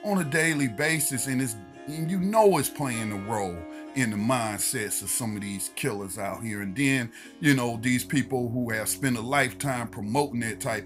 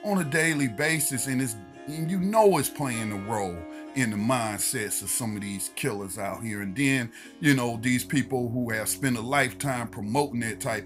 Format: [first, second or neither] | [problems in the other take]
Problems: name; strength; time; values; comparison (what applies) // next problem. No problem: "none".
neither | background music; noticeable; throughout; 20 dB below the speech; the same in both